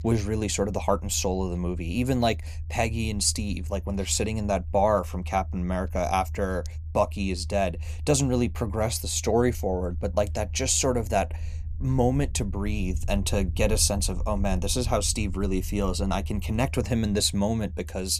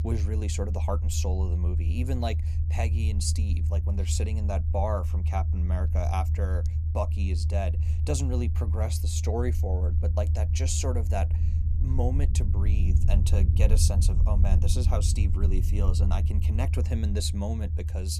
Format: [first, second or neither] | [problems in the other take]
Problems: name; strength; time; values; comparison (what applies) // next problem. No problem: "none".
first | low rumble; loud; throughout; 7 dB below the speech; faint in the first